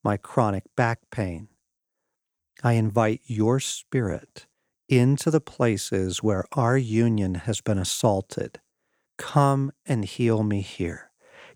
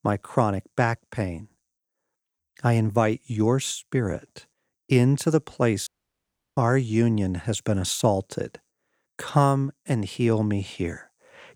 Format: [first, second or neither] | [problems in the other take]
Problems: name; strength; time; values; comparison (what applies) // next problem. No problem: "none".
first | audio cutting out; at 6 s for 0.5 s